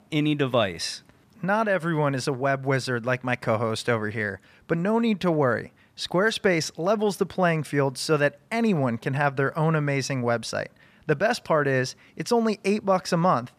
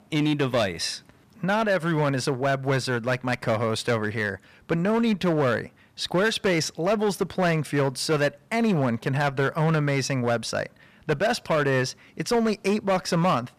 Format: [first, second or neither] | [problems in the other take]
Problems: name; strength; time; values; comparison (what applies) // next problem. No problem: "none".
first | distortion; slight; 9% of the sound clipped